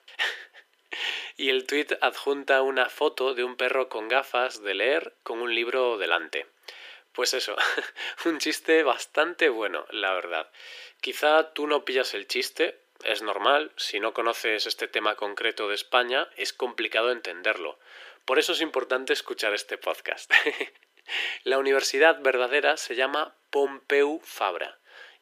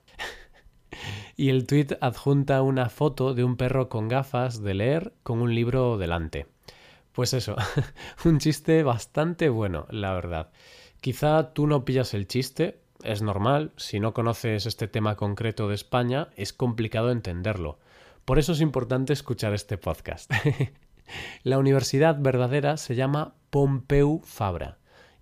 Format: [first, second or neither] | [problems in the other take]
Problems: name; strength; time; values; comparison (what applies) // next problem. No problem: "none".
second | thin; very; fading below 350 Hz